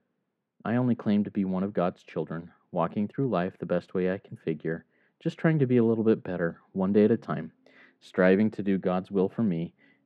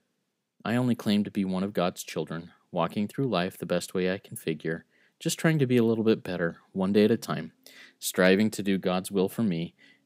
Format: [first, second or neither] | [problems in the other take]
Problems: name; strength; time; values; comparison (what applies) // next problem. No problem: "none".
second | muffled; very; fading above 1.5 kHz